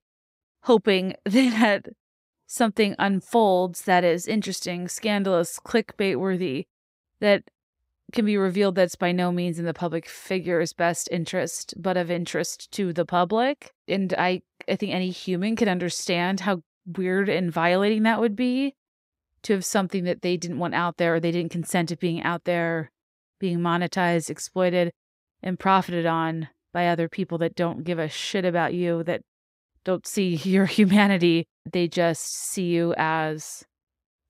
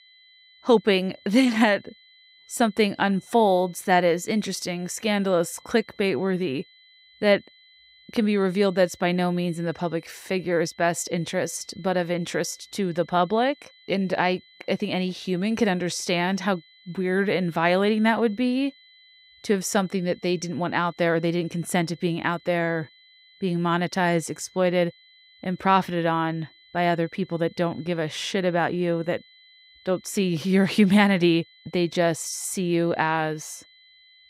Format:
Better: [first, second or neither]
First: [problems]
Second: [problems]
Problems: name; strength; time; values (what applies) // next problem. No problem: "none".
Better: first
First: none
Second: high-pitched whine; faint; throughout; 4 kHz, 30 dB below the speech